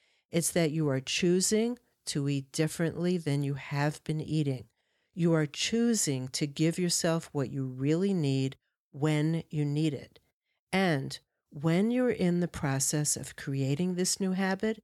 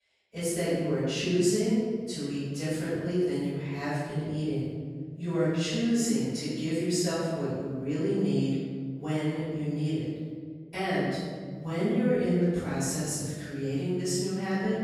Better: first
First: none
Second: off-mic speech; far // room echo; strong; dies away in 1.7 s

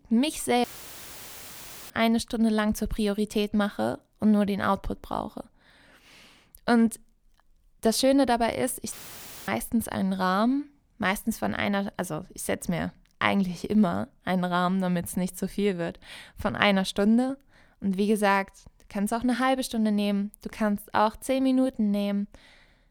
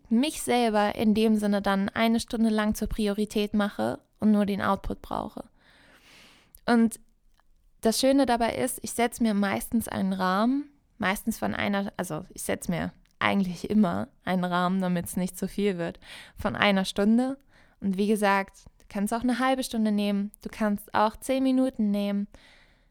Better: second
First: audio cutting out; filled with static; at 0.5 s for 1.5 s and at 9 s for 0.5 s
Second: none

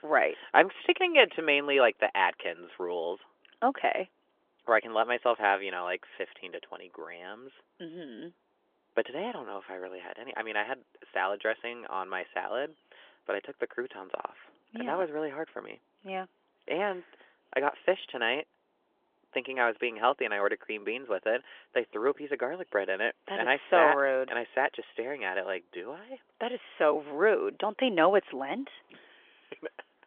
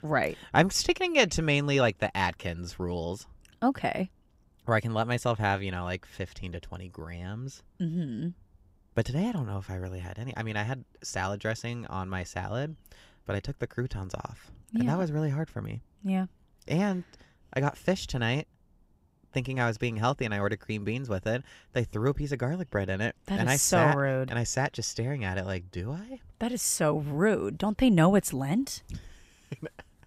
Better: second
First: phone-call audio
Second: none

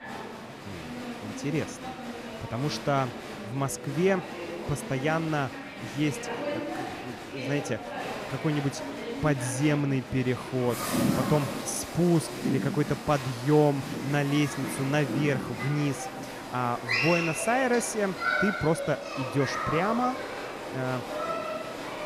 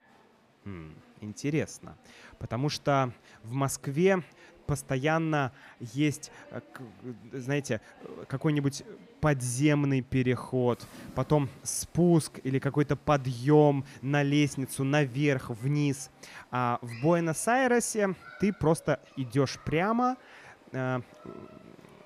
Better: second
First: crowd noise; loud; throughout; 5 dB below the speech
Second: crowd noise; faint; throughout; 25 dB below the speech

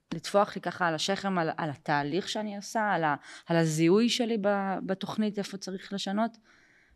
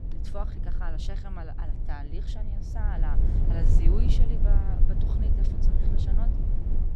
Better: first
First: none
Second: low rumble; loud; throughout; as loud as the speech

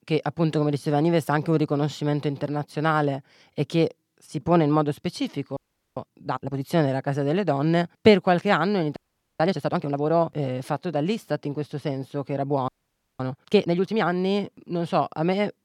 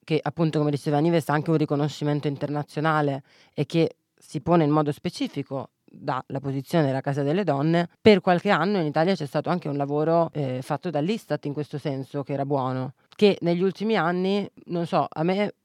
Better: second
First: audio freezing; at 5.5 s, at 9 s and at 13 s for 0.5 s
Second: none

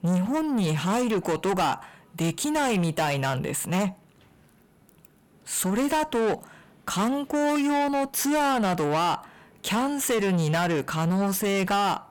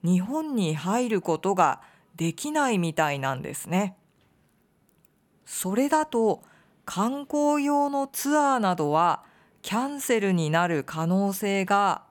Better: second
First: distortion; heavy; 7 dB below the speech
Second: none

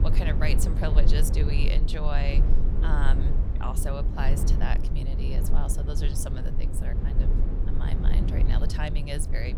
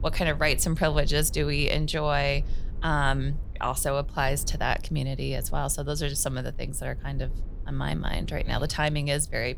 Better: second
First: low rumble; loud; throughout; 5 dB below the speech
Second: low rumble; faint; throughout; 25 dB below the speech

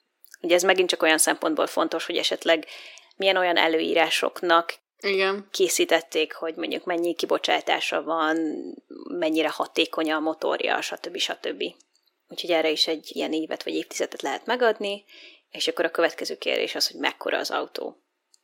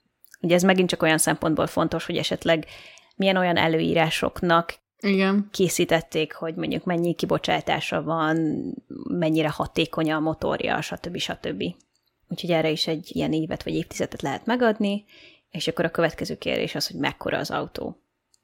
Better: second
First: thin; somewhat; fading below 350 Hz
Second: none

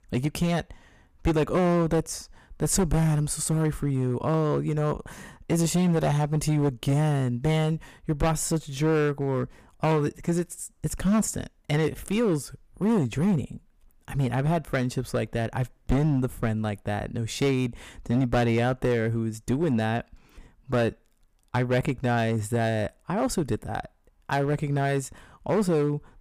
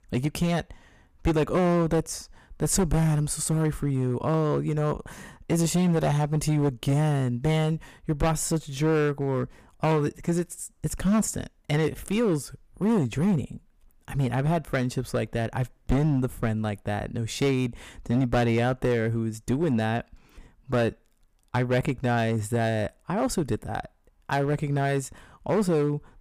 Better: neither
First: distortion; slight; 8% of the sound clipped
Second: distortion; slight; 8% of the sound clipped

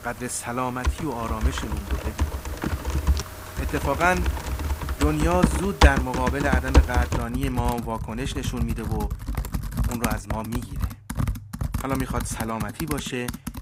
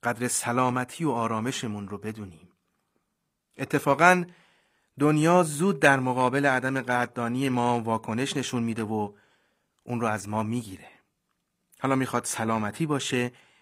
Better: second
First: household noises; very loud; throughout; 1 dB above the speech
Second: none

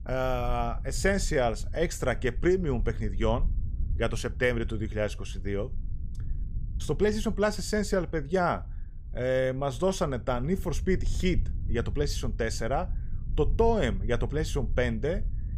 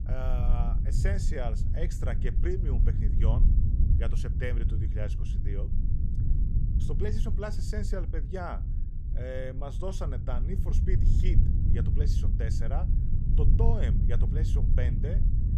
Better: first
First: low rumble; faint; throughout; 25 dB below the speech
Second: low rumble; loud; throughout; 4 dB below the speech

